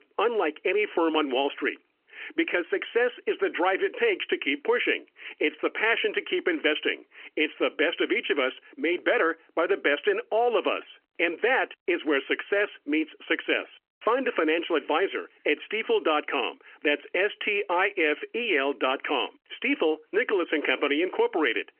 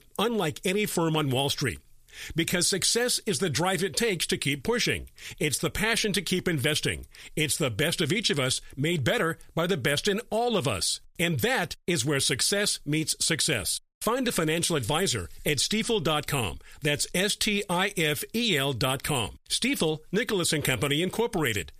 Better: second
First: phone-call audio; nothing above 3 kHz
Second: none

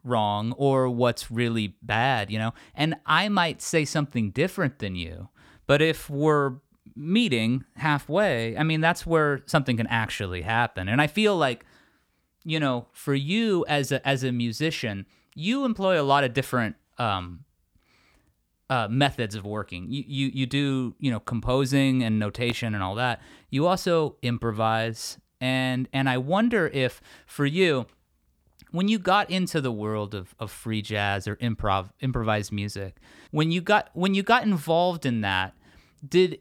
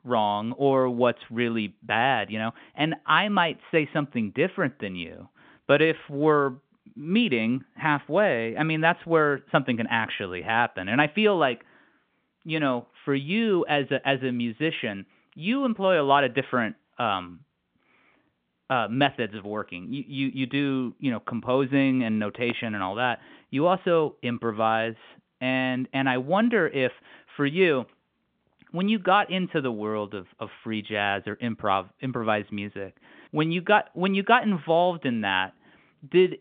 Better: first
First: none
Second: phone-call audio

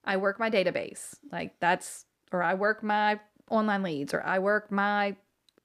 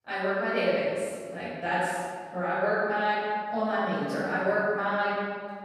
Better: first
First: none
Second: off-mic speech; far // room echo; strong; dies away in 1.8 s

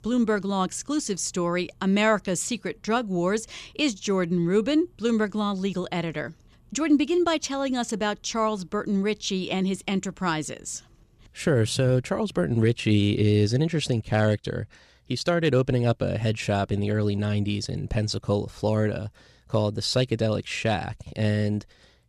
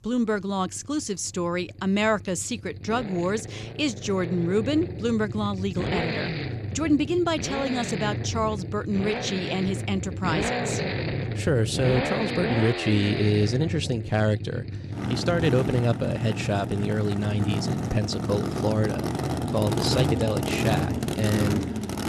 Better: first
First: none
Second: traffic noise; loud; throughout; 3 dB below the speech

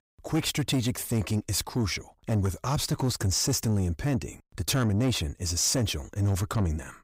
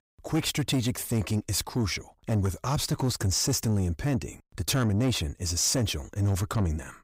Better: neither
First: distortion; slight; 10 dB below the speech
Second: distortion; slight; 10 dB below the speech

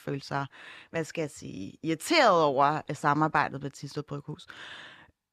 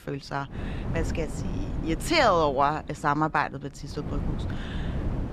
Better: first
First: none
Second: wind noise on the microphone; occasional gusts; 15 dB below the speech

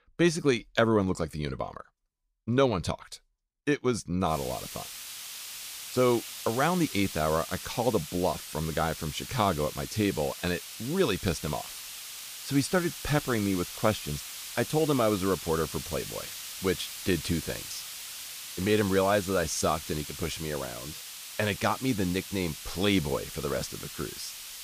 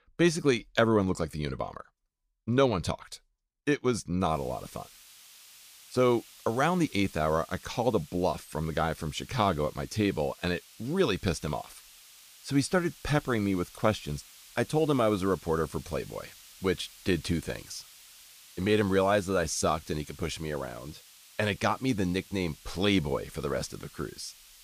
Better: second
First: hiss; loud; from 4.5 s on; 9 dB below the speech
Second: hiss; faint; from 4.5 s on; 20 dB below the speech

